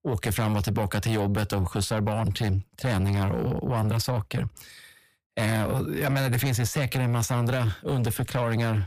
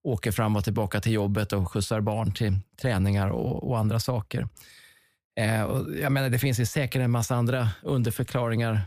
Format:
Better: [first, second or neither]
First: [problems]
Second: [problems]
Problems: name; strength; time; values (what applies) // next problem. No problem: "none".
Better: second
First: distortion; slight; 10 dB below the speech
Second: none